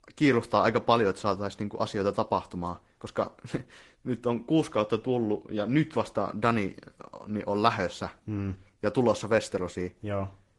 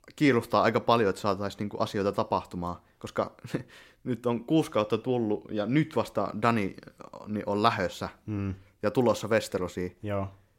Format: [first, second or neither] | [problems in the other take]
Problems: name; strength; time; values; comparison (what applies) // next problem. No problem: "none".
second | garbled, watery; slightly; nothing above 10.5 kHz